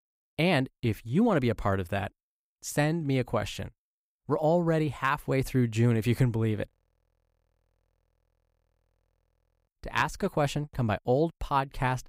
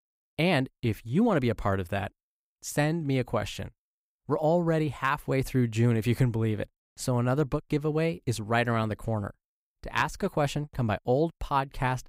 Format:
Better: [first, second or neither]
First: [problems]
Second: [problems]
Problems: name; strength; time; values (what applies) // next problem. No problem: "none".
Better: second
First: audio freezing; at 6.5 s for 3 s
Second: none